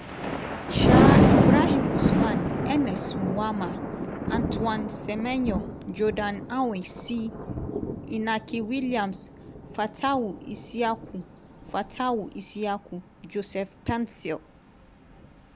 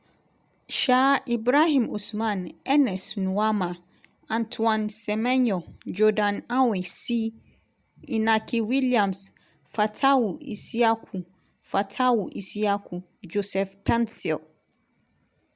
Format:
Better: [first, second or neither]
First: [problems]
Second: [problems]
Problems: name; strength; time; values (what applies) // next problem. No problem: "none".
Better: second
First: background sound (Thunder); 4 dB above the speech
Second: none